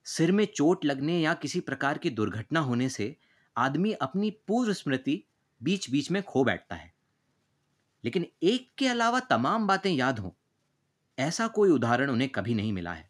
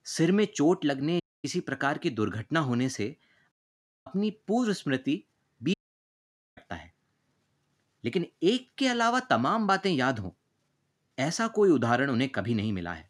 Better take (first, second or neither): first